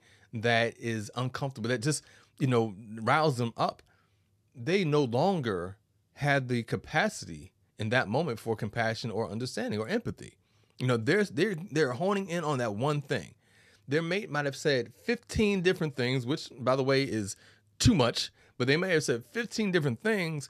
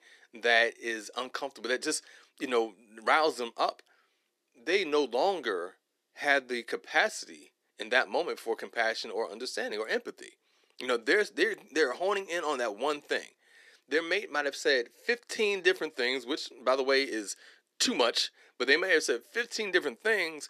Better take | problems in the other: first | thin; somewhat; fading below 300 Hz

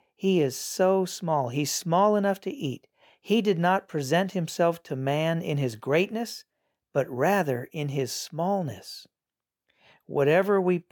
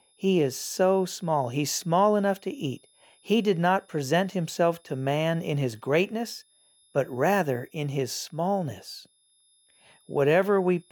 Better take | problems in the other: first | high-pitched whine; faint; throughout; 3.5 kHz, 35 dB below the speech

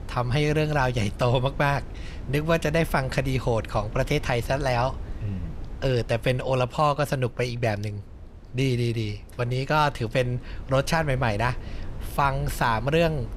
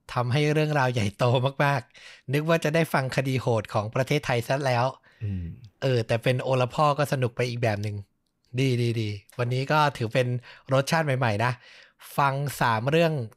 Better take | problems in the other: second | wind noise on the microphone; occasional gusts; 25 dB below the speech

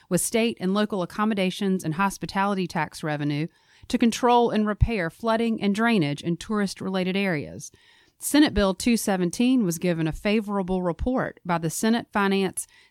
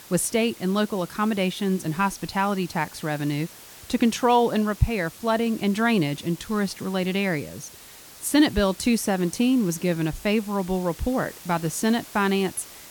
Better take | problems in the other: first | hiss; noticeable; throughout; 20 dB below the speech

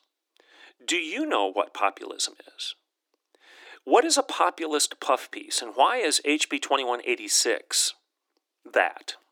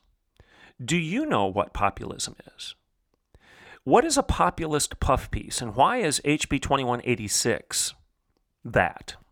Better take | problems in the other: second | thin; somewhat; fading below 300 Hz

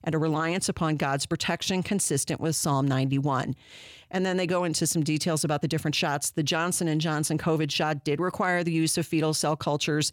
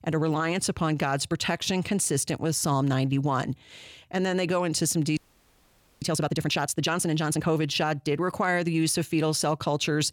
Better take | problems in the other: first | audio freezing; at 5 s for 1 s

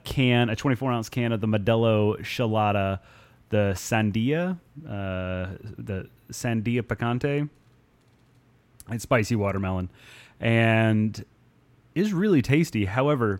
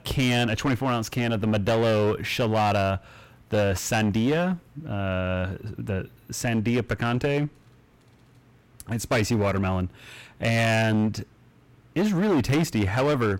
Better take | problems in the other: first | distortion; heavy; 14% of the sound clipped

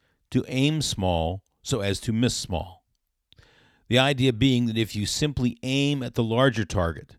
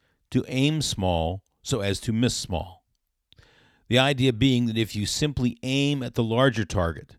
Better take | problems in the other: neither | none

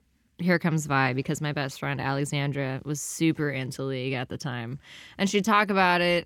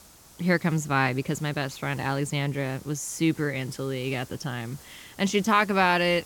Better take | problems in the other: first | hiss; faint; throughout; 20 dB below the speech

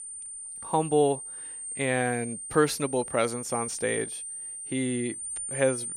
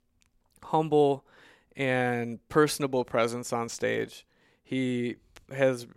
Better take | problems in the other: second | high-pitched whine; loud; throughout; 9 kHz, 7 dB below the speech

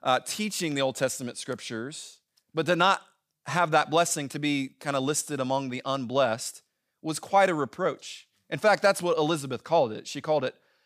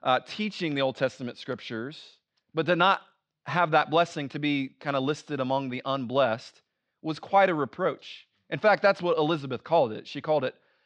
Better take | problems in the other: first | muffled; slightly; fading above 4 kHz

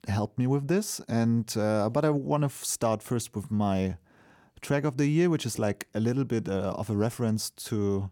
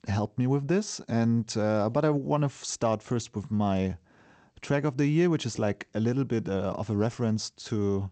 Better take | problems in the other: first | garbled, watery; slightly; nothing above 8 kHz

